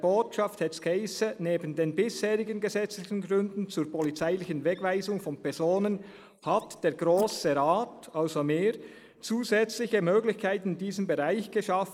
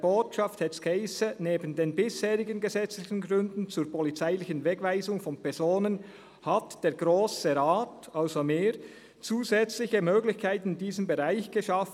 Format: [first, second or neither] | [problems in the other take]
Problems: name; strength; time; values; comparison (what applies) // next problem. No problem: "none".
second | noise reduction (neural mask model Resemble Enhance denoiser)